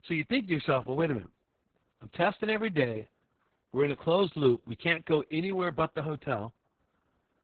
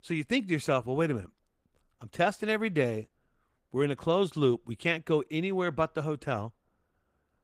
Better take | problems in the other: second | garbled, watery; badly; nothing above 4 kHz; slightly in the second

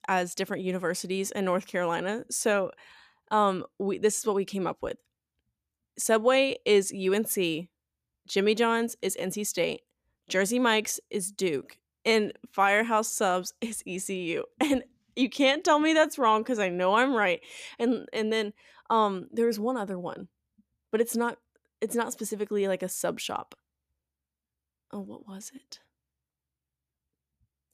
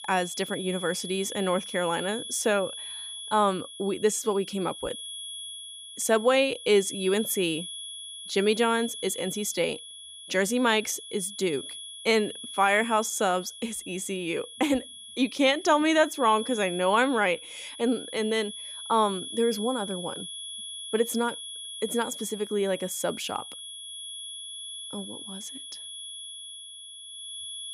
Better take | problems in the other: first | high-pitched whine; noticeable; throughout; 3.5 kHz, 10 dB below the speech

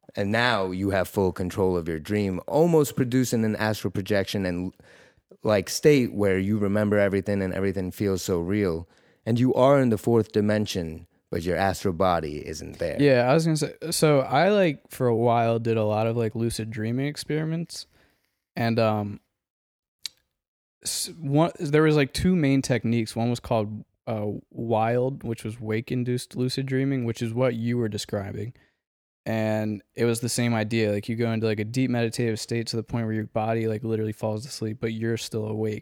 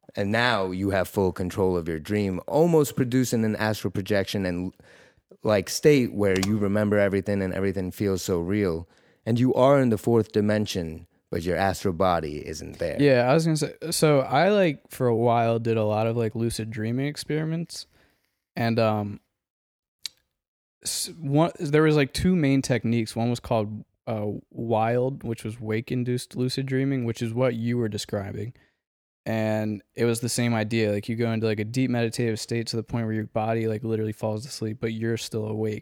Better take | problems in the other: first | keyboard typing; noticeable; at 6.5 s; peak 9 dB below the speech

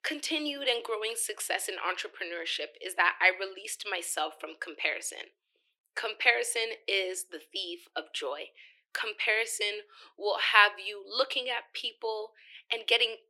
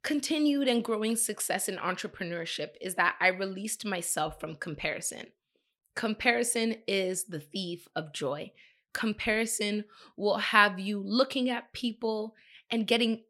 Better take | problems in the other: second | thin; very; fading below 300 Hz

